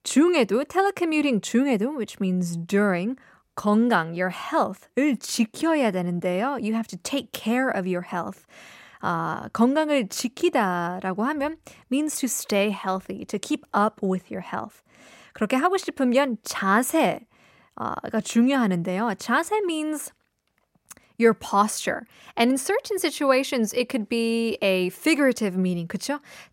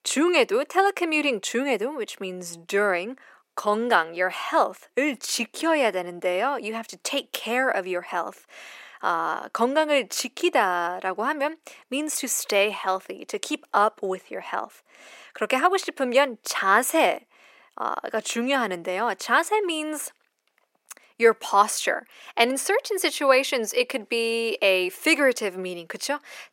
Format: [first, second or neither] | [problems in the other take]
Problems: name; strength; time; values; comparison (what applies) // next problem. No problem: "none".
first | thin; somewhat; fading below 350 Hz